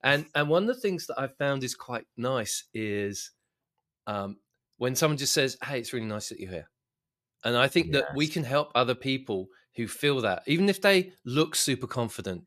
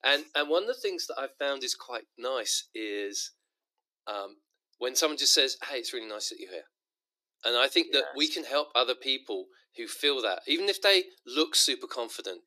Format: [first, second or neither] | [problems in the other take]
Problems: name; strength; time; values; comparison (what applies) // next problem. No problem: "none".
first | thin; somewhat; fading below 300 Hz